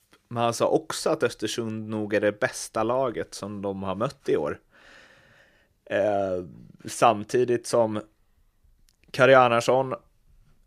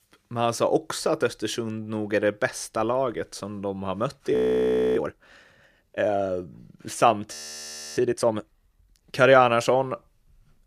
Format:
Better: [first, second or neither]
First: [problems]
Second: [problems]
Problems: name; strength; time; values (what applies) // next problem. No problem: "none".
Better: first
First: none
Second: audio freezing; at 4.5 s for 0.5 s and at 7.5 s for 0.5 s